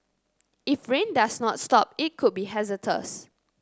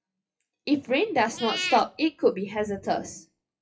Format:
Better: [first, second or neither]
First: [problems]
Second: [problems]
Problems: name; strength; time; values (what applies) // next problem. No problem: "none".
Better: first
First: none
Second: noise reduction (classical method WPE with log-MMSE)